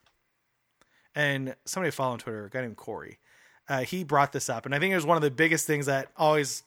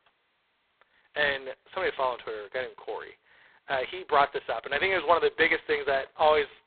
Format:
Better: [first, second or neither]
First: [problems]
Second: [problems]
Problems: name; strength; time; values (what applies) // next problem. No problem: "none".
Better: first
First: none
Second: phone-call audio; poor line; nothing above 4 kHz